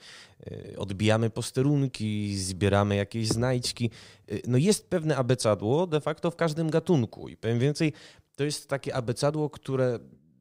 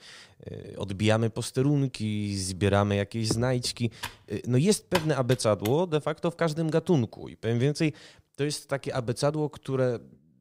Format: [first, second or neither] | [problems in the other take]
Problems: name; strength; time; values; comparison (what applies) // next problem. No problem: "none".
first | keyboard typing; noticeable; from 4 to 5.5 s; peak 6 dB below the speech